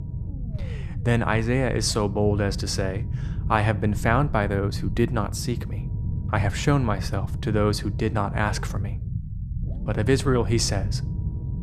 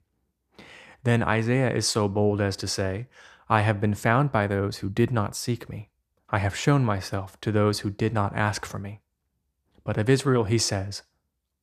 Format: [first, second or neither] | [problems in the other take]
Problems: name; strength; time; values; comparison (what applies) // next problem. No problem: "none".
second | low rumble; noticeable; throughout; 15 dB below the speech